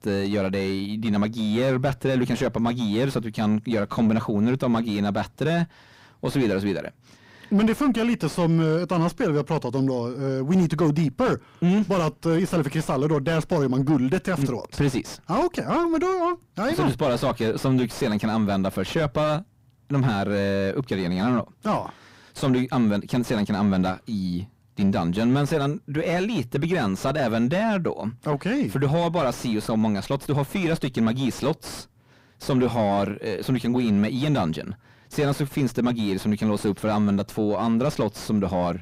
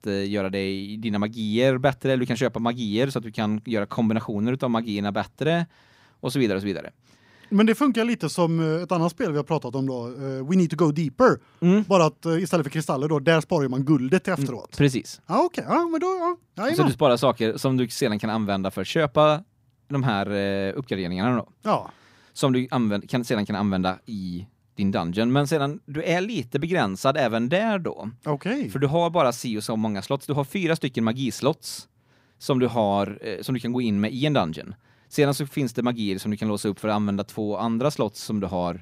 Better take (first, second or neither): second